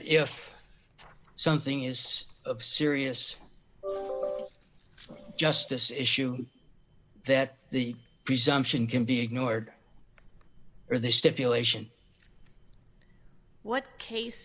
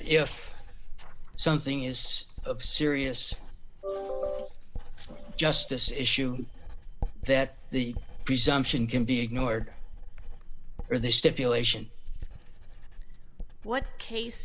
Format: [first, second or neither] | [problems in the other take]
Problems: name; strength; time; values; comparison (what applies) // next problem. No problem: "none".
first | background sound (Writing); 5 dB below the speech